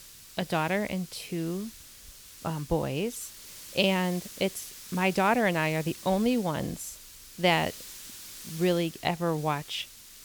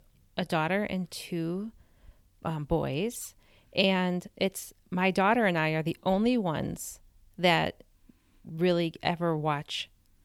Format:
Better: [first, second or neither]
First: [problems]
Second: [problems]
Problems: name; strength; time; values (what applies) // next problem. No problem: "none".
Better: second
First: hiss; noticeable; throughout; 15 dB below the speech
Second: none